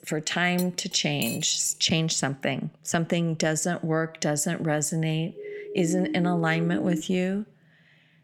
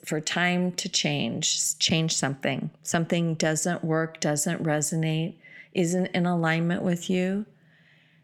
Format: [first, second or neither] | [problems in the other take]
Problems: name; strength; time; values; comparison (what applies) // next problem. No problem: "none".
second | clattering dishes; noticeable; at 0.5 s; peak 8 dB below the speech // siren; noticeable; from 5.5 to 7 s; peak 6 dB below the speech